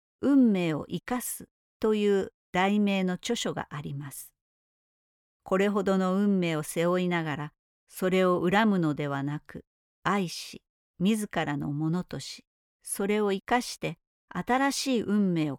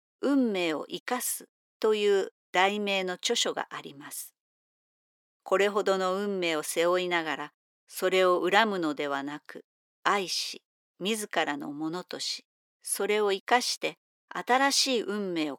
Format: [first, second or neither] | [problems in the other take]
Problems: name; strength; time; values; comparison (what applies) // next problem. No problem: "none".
first | thin; somewhat; fading below 350 Hz